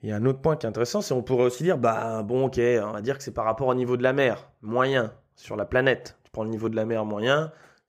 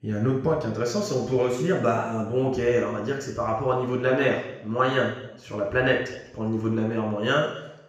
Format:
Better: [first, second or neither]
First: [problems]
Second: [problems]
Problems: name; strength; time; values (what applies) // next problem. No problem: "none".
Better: first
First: none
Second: room echo; noticeable; dies away in 0.9 s // off-mic speech; somewhat distant